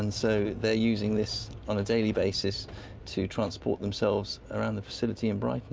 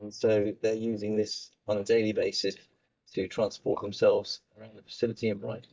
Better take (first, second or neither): first